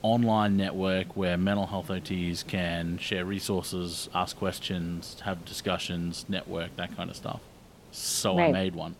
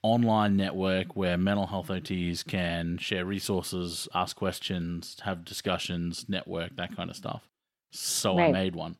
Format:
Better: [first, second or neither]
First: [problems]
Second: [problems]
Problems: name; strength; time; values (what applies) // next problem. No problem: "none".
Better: second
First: hiss; faint; throughout; 20 dB below the speech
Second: none